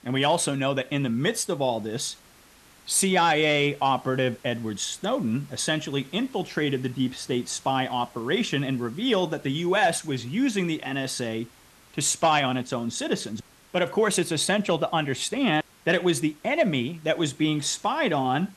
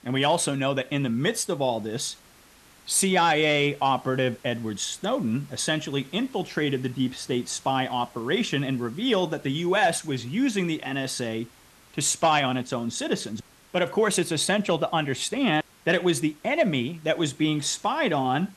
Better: neither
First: hiss; faint; throughout; 25 dB below the speech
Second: hiss; faint; throughout; 25 dB below the speech

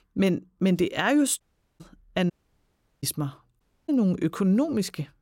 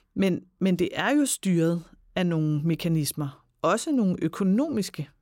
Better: second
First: audio cutting out; at 1.5 s, at 2.5 s for 0.5 s and at 3.5 s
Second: none

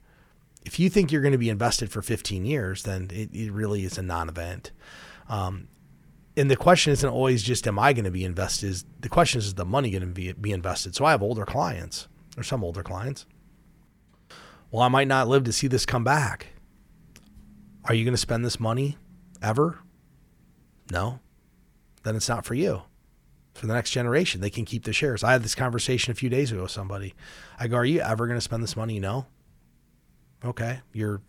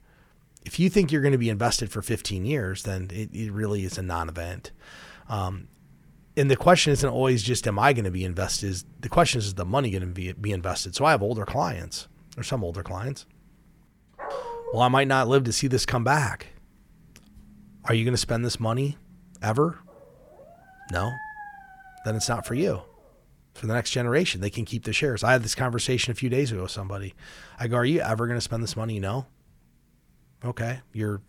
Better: first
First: none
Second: dog barking; noticeable; at 14 s; peak 8 dB below the speech // dog barking; faint; from 20 to 23 s; peak 10 dB below the speech

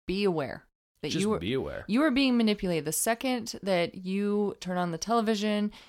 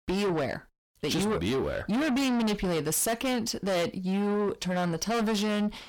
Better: first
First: none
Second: distortion; heavy; 6 dB below the speech

